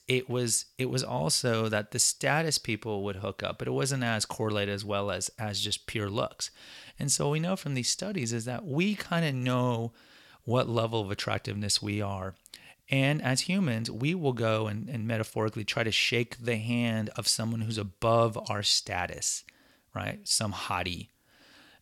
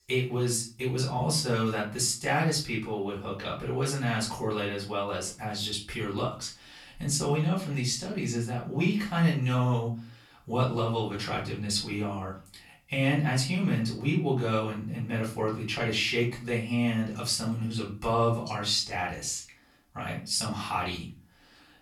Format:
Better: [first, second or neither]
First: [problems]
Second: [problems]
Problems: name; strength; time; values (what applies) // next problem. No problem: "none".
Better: first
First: none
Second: off-mic speech; far // room echo; slight; dies away in 0.3 s